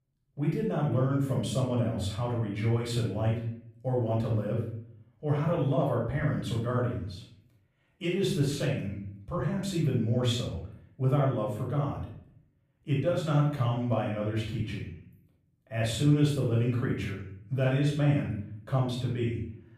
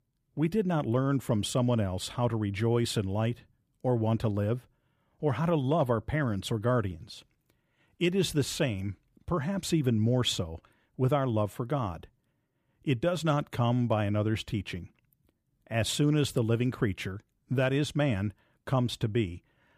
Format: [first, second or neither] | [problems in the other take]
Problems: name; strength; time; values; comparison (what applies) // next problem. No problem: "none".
second | off-mic speech; far // room echo; noticeable; dies away in 0.6 s